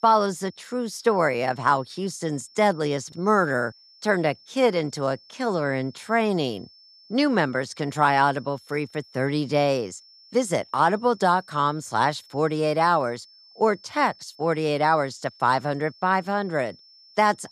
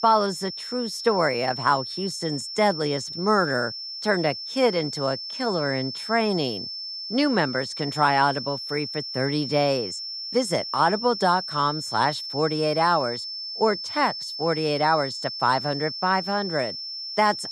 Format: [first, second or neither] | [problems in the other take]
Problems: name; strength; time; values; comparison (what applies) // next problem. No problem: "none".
first | high-pitched whine; loud; throughout; 5.5 kHz, 6 dB below the speech; faint in the first